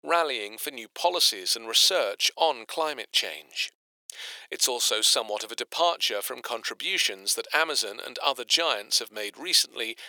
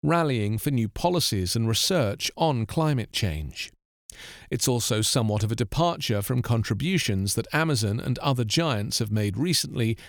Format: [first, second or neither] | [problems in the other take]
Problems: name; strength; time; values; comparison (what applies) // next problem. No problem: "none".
second | thin; very; fading below 450 Hz